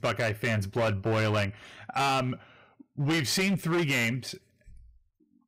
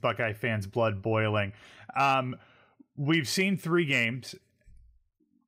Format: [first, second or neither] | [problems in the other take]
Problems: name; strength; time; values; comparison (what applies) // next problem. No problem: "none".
second | distortion; heavy; 14% of the sound clipped